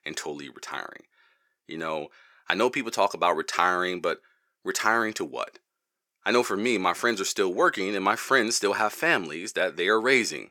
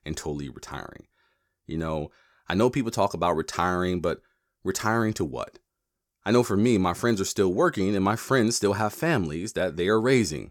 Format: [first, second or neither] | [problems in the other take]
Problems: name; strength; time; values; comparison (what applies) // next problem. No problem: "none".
second | thin; somewhat; fading below 350 Hz